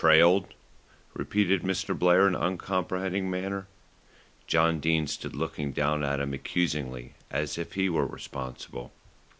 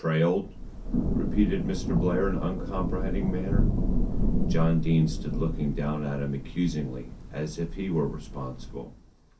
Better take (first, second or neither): first